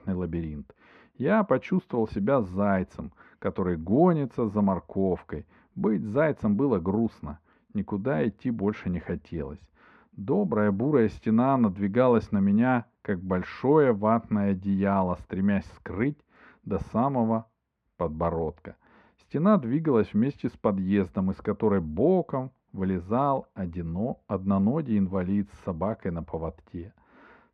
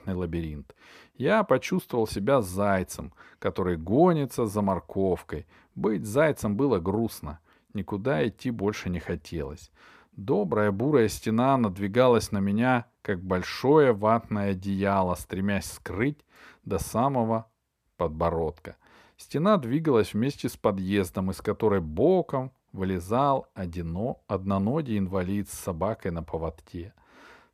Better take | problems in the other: second | muffled; very; fading above 2 kHz

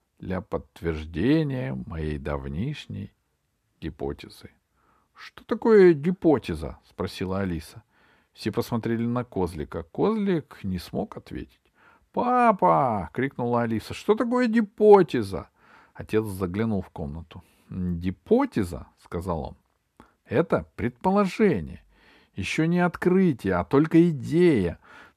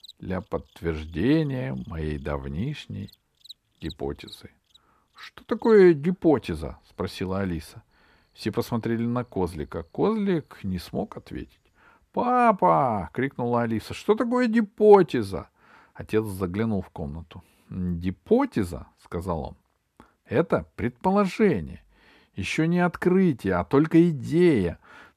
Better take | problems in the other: first | animal sounds; faint; until 12 s; 25 dB below the speech

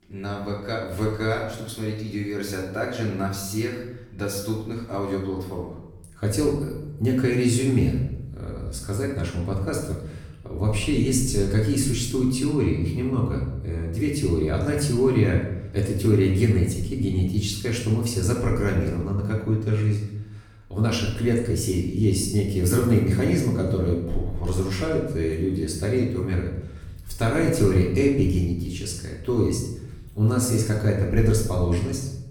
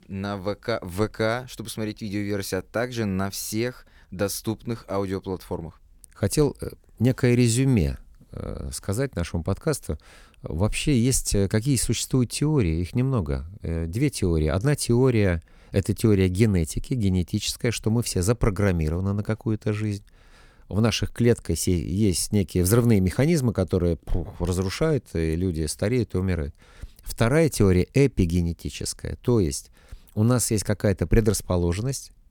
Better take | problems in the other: second | off-mic speech; far // room echo; noticeable; dies away in 0.7 s

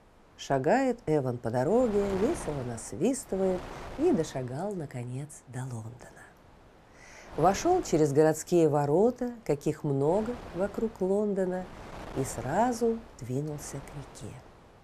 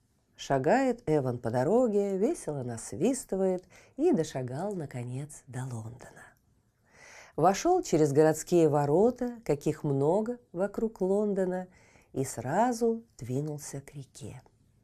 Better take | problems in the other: second | wind noise on the microphone; occasional gusts; 15 dB below the speech

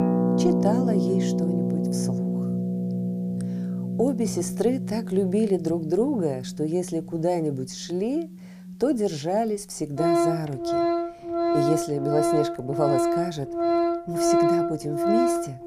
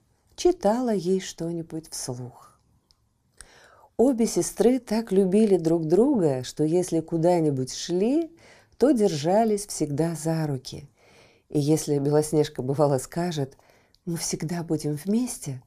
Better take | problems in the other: second | background music; very loud; throughout; 2 dB above the speech

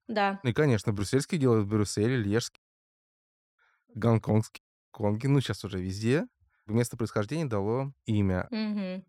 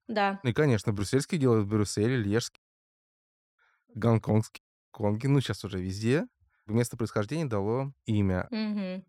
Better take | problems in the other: neither | audio cutting out; at 2.5 s for 1 s and at 4.5 s; the same in both

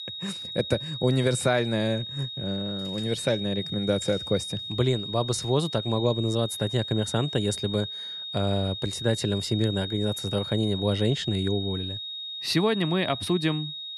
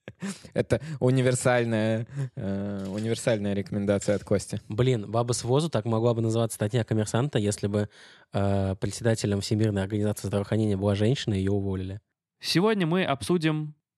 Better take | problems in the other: second | high-pitched whine; loud; throughout; 3.5 kHz, 6 dB below the speech

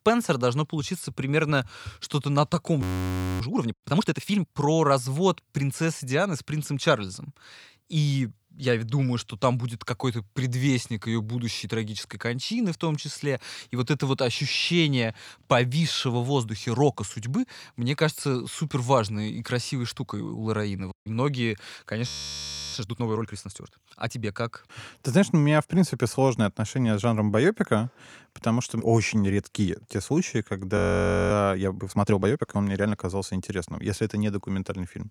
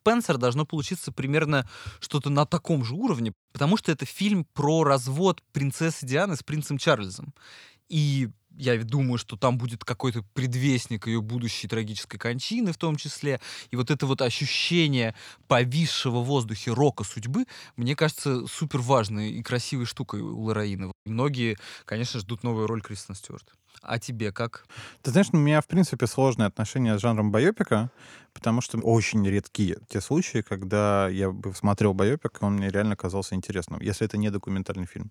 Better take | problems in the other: second | audio freezing; at 3 s for 0.5 s, at 22 s for 0.5 s and at 31 s for 0.5 s

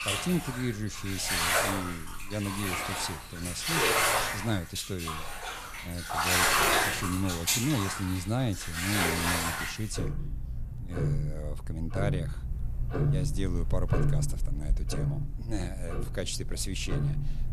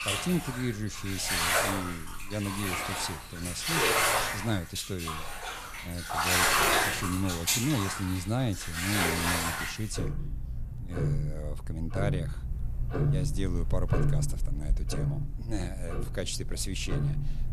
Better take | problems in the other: neither | household noises; very loud; throughout; 5 dB above the speech; the same in both

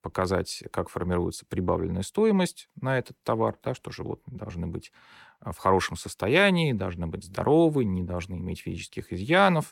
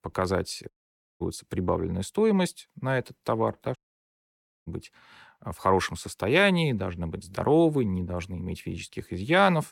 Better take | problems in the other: first | audio cutting out; at 0.5 s for 0.5 s and at 4 s for 1 s

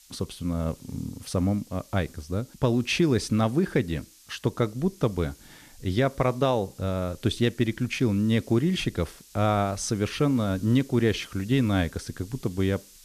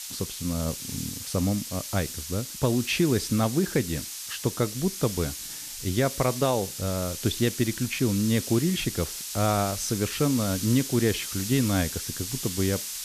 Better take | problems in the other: first | hiss; loud; throughout; 6 dB below the speech; faint in the first

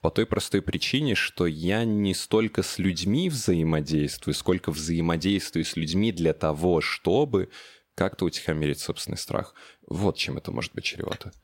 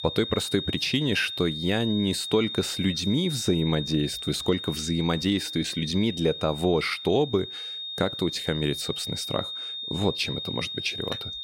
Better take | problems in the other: first | high-pitched whine; loud; throughout; 3.5 kHz, 6 dB below the speech

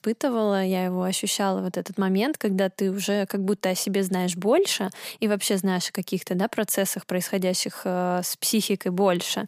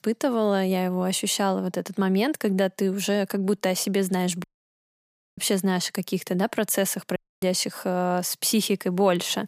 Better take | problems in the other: first | audio cutting out; at 4.5 s for 1 s and at 7 s

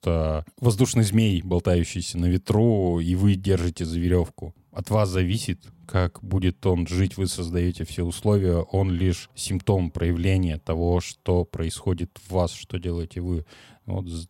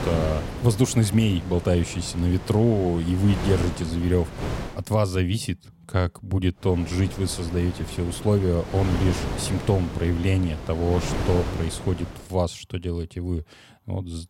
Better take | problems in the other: first | wind noise on the microphone; heavy; until 4.5 s and from 6.5 to 12 s; 7 dB below the speech

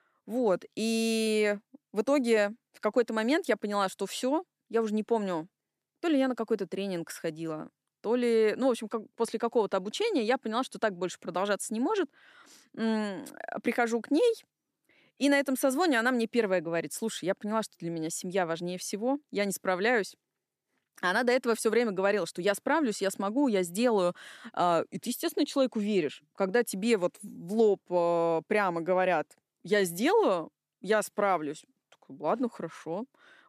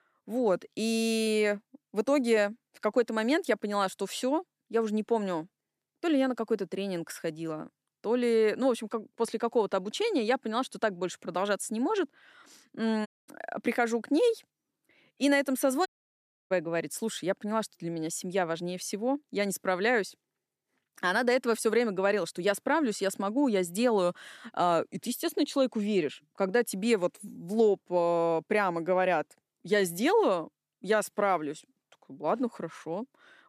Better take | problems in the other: first | audio cutting out; at 13 s and at 16 s for 0.5 s

